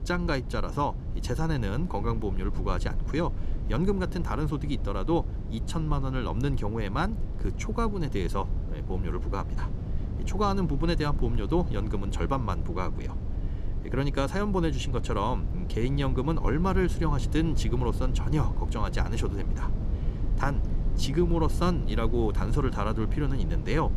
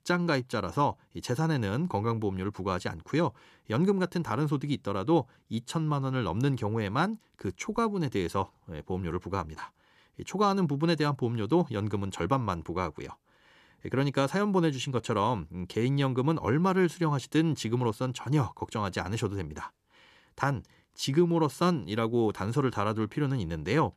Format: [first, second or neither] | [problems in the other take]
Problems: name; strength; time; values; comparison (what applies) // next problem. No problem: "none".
second | low rumble; noticeable; throughout; 15 dB below the speech